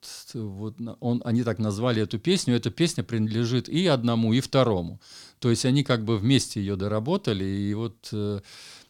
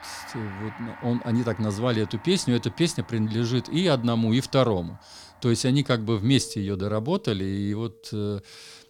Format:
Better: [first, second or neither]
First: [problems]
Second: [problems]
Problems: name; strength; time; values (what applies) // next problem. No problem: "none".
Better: first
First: none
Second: background music; faint; throughout; 20 dB below the speech